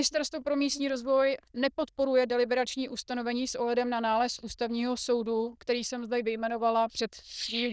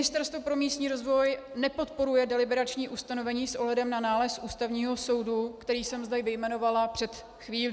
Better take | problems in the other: second | noise reduction (neural diffusion model UNIVERSE++)

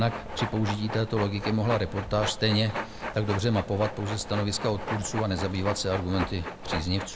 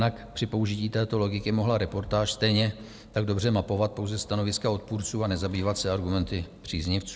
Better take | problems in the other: second | background sound (Train); 8 dB below the speech

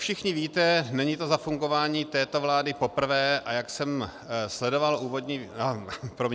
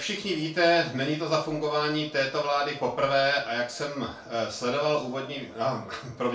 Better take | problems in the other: first | room echo; dies away in 0.3 s

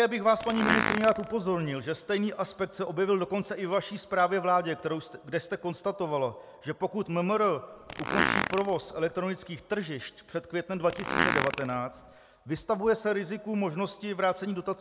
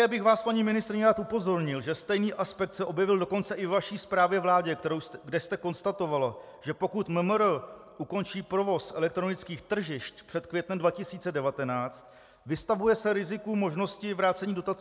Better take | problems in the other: second | background sound (Fart); 2 dB below the speech

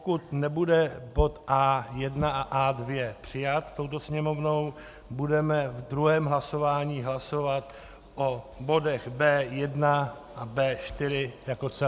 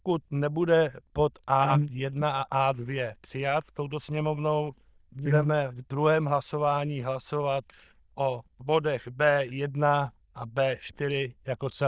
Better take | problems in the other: first | noise reduction (neural diffusion model UNIVERSE++)

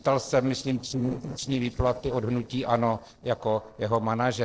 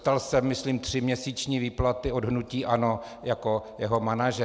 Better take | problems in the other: second | noise reduction (neural separator model SepFormer DNS4)

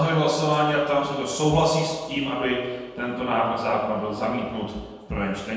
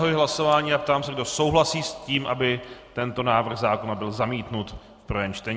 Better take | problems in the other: second | room echo; dies away in 1.1 s

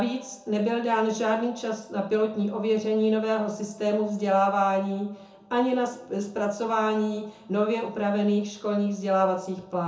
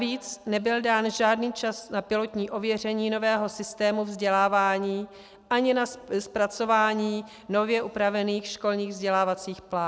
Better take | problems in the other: second | room echo; dies away in 0.6 s

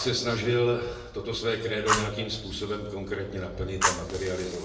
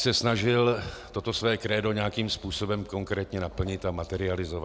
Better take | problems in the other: second | background sound (Fire); 5 dB below the speech // room echo; dies away in 0.9 s

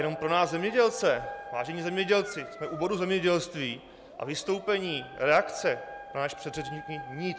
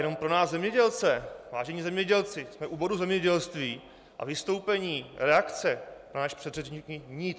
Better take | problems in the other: second | background sound (Dog); 14 dB below the speech

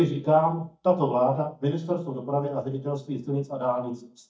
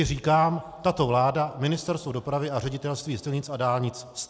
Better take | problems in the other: second | noise reduction (neural mask model DeepFilterNet 3)

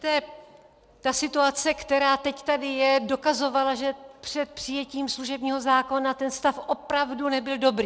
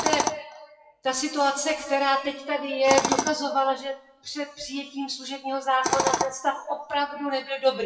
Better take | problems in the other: first | noise reduction (classical method WPE with log-MMSE)

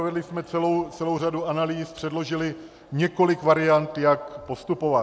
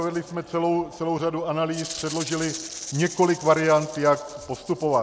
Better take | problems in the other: first | background sound (Rattle (instrument)); 15 dB below the speech

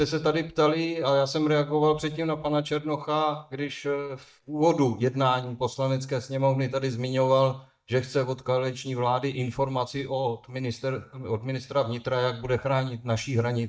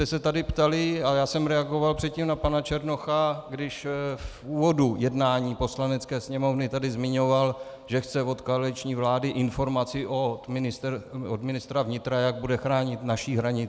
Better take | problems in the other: second | noise reduction (neural mask model DeepFilterNet 3)

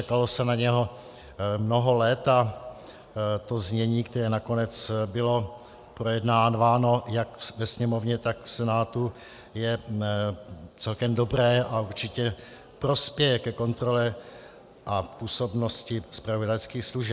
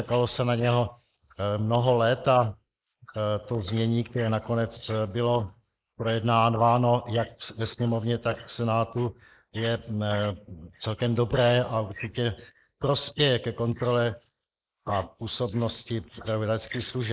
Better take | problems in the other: first | noise reduction (neural mask model Resemble Enhance denoiser)

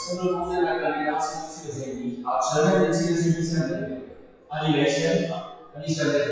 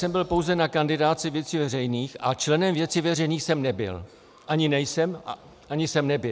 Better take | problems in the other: second | noise reduction (classical method WPE with log-MMSE)

